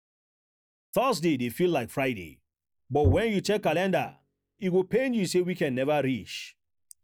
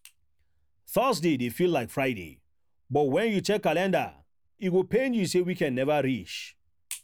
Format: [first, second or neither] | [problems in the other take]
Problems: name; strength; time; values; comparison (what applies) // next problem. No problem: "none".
second | noise reduction (neural mask model DeepFilterNet 3)